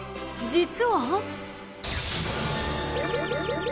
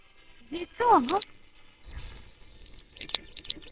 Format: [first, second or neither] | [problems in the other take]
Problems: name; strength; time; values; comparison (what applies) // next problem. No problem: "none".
first | noise reduction (neural separator model SepFormer WHAMR!)